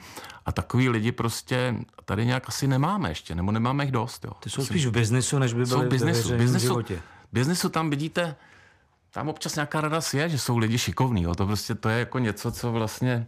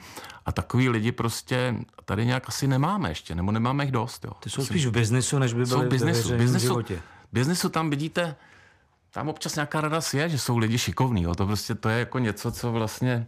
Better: neither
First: none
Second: none

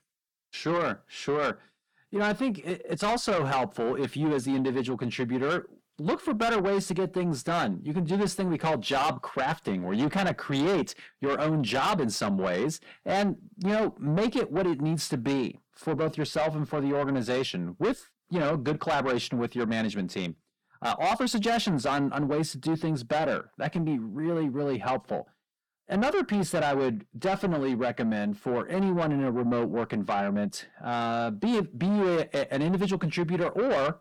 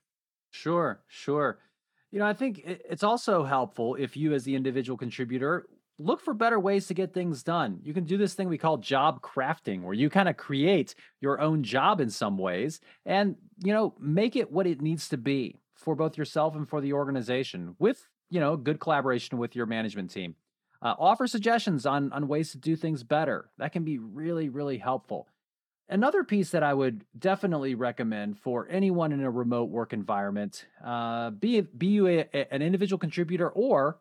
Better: second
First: distortion; heavy; 7 dB below the speech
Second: none

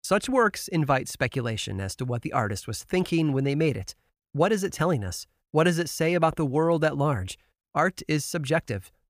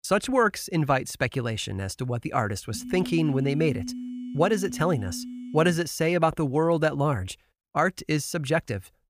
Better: first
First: none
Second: phone ringing; noticeable; from 2.5 to 6 s; peak 9 dB below the speech

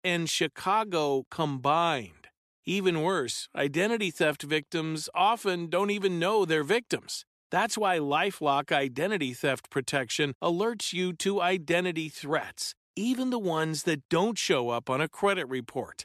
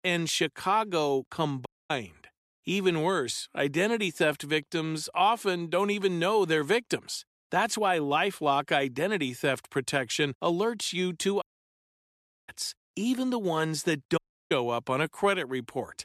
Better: first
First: none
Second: audio cutting out; at 1.5 s, at 11 s for 1 s and at 14 s

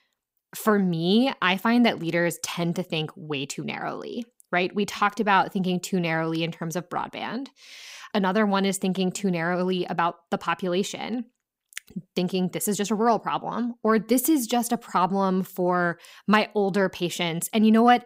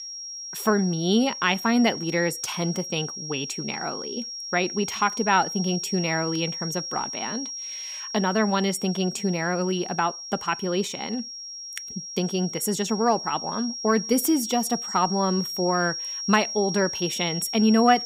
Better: first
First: none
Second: high-pitched whine; loud; throughout; 5.5 kHz, 6 dB below the speech

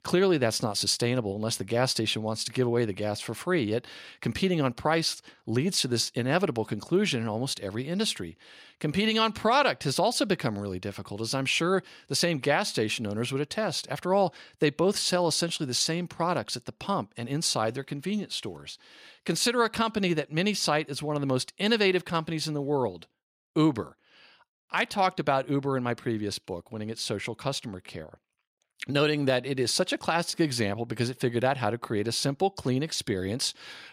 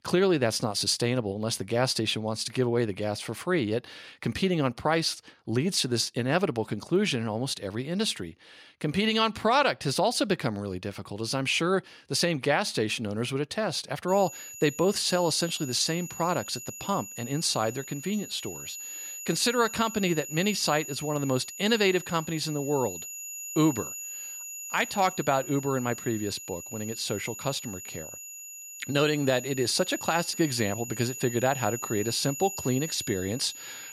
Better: first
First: none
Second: high-pitched whine; loud; from 14 s on; 7 kHz, 10 dB below the speech

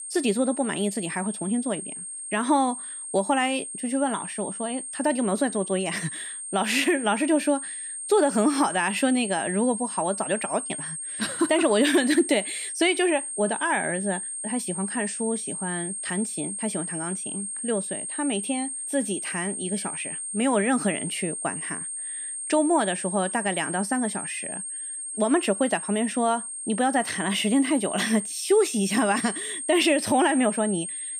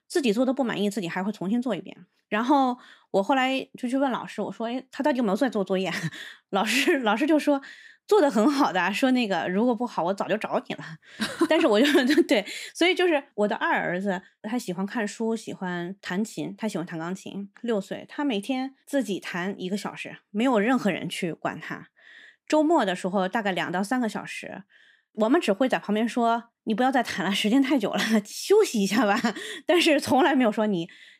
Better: second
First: high-pitched whine; loud; throughout; 8.5 kHz, 6 dB below the speech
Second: none

